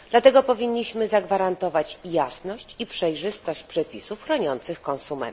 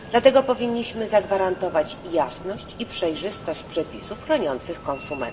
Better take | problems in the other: first | background sound (Train); 16 dB below the speech // room echo; dies away in 1.1 s

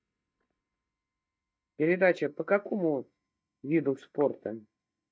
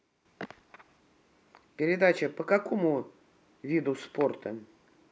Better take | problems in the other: second | noise reduction (neural mask model DeepFilterNet 3)

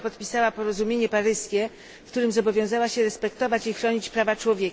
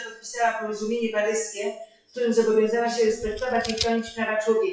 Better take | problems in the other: first | noise reduction (classical method WPE with log-MMSE)

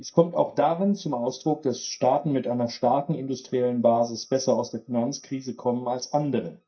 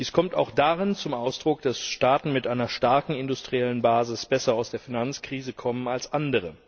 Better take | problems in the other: second | noise reduction (neural mask model DeepFilterNet 3)

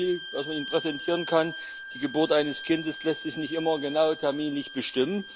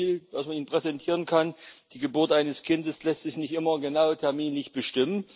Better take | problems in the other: second | background sound (Bowed string instrument); 12 dB below the speech

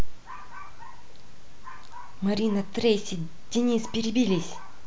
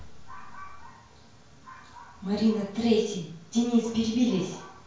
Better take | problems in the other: first | room echo; dies away in 0.5 s

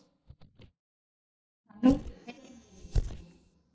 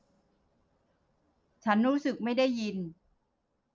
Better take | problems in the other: second | noise reduction (neural mask model DeepFilterNet 3)

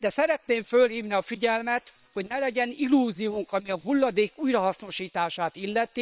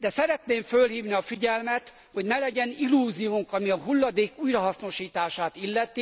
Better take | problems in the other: second | noise reduction (neural separator model SepFormer WHAM!)

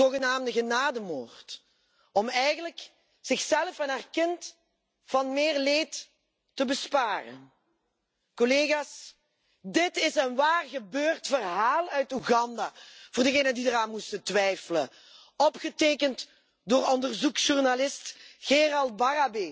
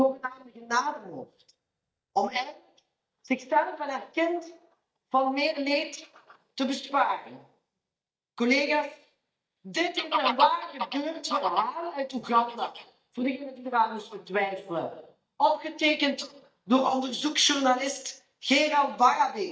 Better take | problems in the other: first | noise reduction (neural mask model DeepFilterNet 3)

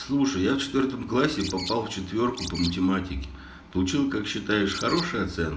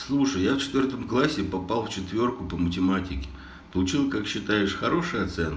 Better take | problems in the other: second | background sound (Bird); 12 dB below the speech

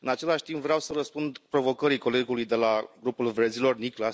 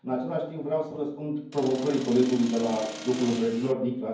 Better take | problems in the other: first | background sound (Accelerating, revving, vroom); 13 dB below the speech // room echo; dies away in 0.9 s

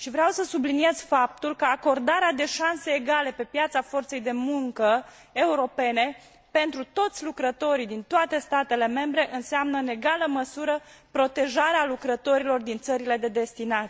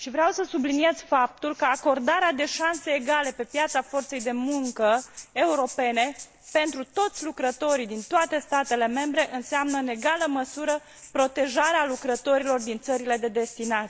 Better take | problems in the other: first | noise reduction (neural mask model Resemble Enhance denoiser)

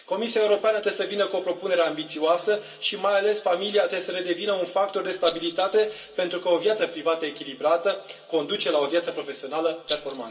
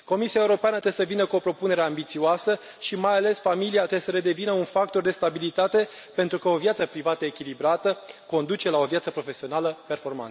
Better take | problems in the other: second | background sound (Rattle); 11 dB below the speech // room echo; dies away in 0.2 s

